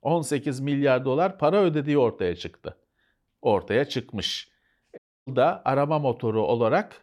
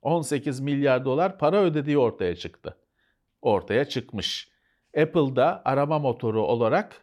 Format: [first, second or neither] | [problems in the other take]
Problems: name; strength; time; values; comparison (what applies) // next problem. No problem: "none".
second | audio cutting out; at 5 s